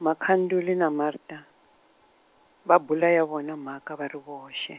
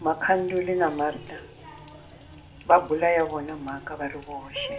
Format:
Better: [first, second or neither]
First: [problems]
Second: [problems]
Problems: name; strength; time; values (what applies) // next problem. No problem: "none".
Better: first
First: none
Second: background sound (Water tap, faucet); 17 dB below the speech // room echo; dies away in 0.4 s